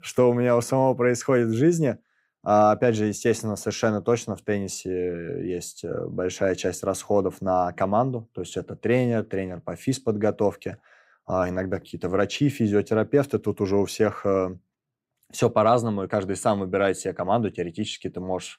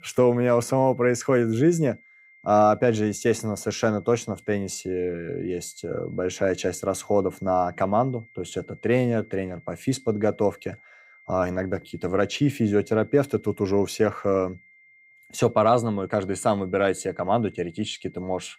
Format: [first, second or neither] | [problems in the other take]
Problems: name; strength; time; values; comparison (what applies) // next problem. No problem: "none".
first | high-pitched whine; faint; throughout; 2 kHz, 30 dB below the speech